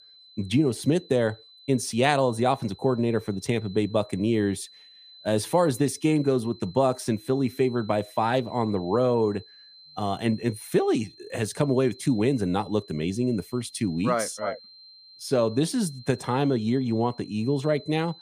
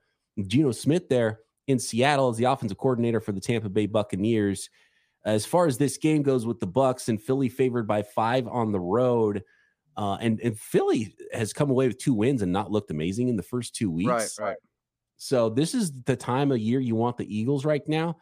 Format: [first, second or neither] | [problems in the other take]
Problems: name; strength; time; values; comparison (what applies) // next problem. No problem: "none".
second | high-pitched whine; faint; throughout; 4 kHz, 20 dB below the speech